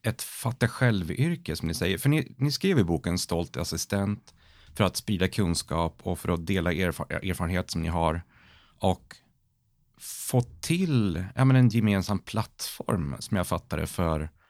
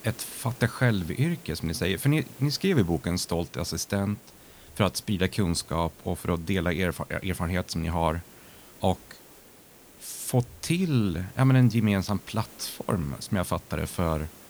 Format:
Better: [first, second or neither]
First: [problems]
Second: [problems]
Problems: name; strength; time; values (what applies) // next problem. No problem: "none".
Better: first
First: none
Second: hiss; faint; throughout; 20 dB below the speech